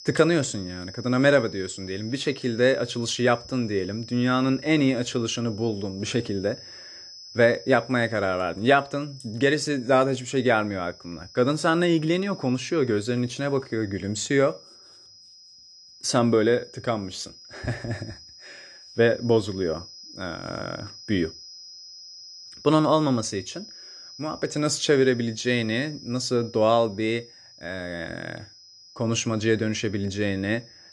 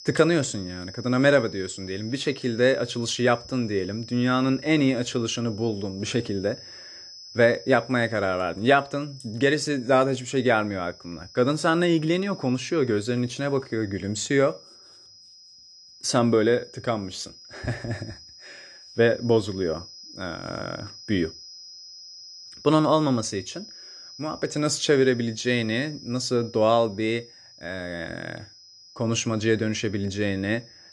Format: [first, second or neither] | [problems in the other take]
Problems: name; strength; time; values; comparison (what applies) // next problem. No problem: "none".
neither | high-pitched whine; noticeable; throughout; 5 kHz, 20 dB below the speech; the same in both